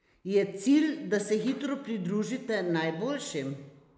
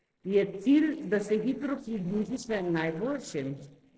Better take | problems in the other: first | noise reduction (neural separator model SepFormer DNS4)

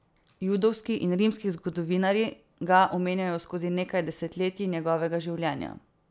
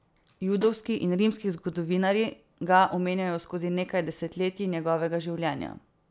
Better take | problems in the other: first | background sound (Snare drum); 19 dB below the speech

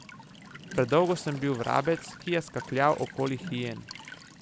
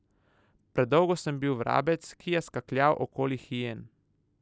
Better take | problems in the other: second | background sound (Whoosh, swoosh, swish + Walk, footsteps / Stream / Trickle, dribble / Chirp, tweet); 14 dB below the speech

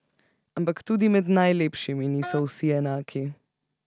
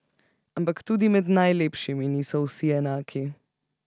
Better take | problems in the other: second | background sound (Wind instrument, woodwind instrument); 14 dB below the speech

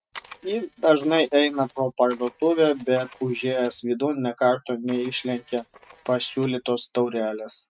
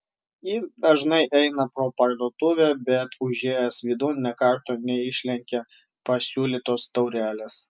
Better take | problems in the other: second | noise reduction (neural mask model RNNoise)

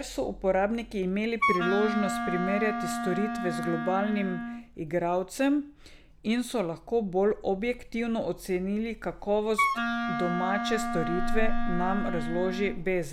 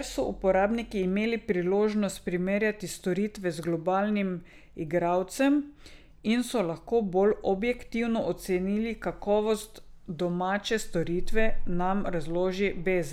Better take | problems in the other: second | background sound (Wind instrument, woodwind instrument); 2 dB below the speech

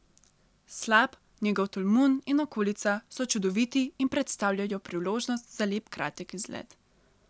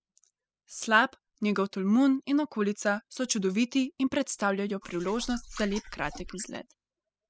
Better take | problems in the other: first | noise reduction (classical method spectral subtraction)

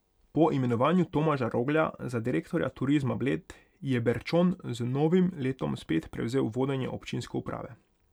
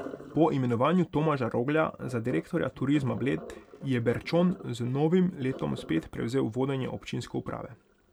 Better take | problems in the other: first | background sound (Sink (filling or washing)); 18 dB below the speech

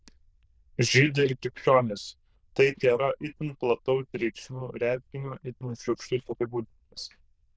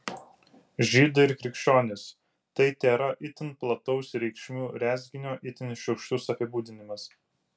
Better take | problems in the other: second | noise reduction (neural diffusion model UNIVERSE++)

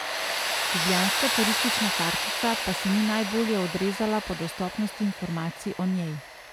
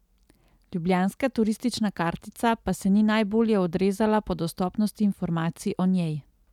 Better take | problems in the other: second | background sound (Tools); 1 dB below the speech

